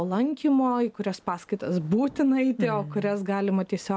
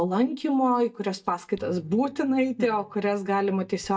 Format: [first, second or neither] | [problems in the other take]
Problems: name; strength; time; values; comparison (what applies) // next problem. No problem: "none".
first | noise reduction (neural mask model DeepFilterNet 3)